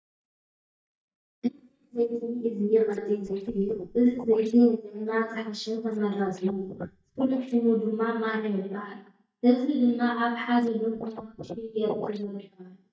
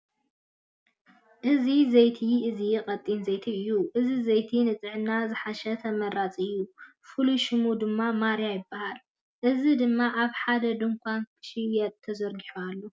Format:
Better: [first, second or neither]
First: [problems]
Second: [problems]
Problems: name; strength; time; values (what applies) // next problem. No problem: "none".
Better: second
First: noise reduction (neural mask model DeepFilterNet 3)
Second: none